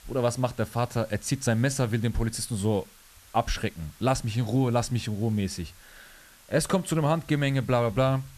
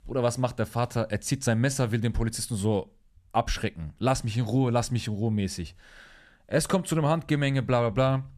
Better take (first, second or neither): second